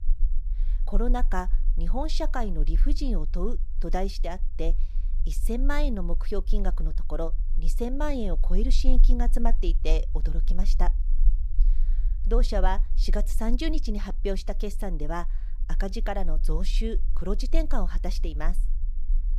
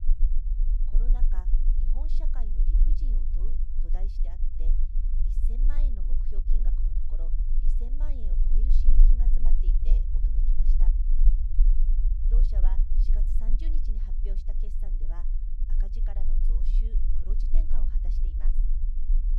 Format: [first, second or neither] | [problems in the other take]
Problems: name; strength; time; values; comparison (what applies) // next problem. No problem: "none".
first | low rumble; loud; throughout; 1 dB below the speech; faint in the first